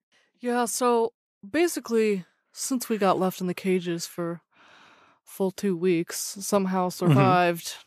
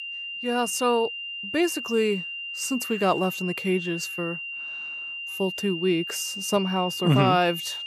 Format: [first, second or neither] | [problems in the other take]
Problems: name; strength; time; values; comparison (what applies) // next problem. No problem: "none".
first | high-pitched whine; loud; throughout; 3 kHz, 6 dB below the speech